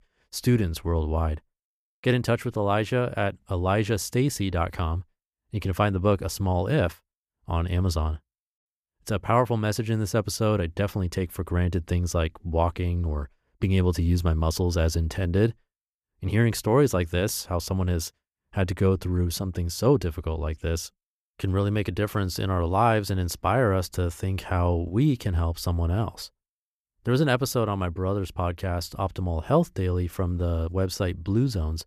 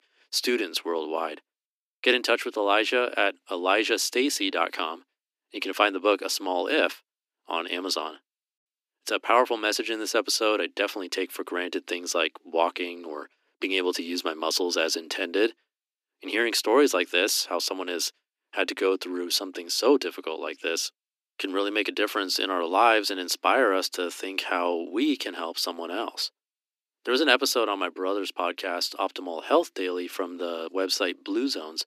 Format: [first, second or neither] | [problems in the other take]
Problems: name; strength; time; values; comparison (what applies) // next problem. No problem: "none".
first | thin; somewhat; fading below 250 Hz